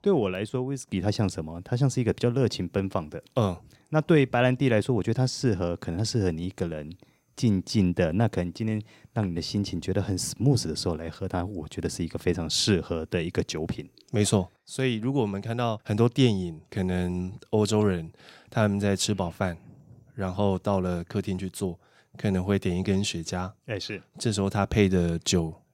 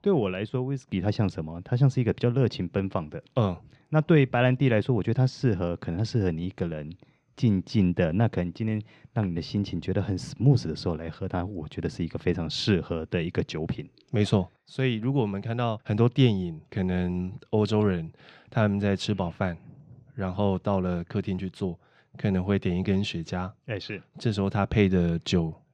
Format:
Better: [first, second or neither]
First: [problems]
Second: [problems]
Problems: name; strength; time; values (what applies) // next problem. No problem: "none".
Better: first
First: none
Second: muffled; very slightly; fading above 3 kHz